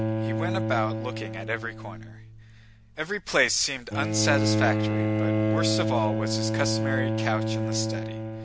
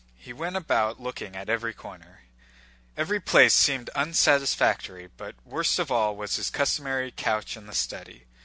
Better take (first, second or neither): second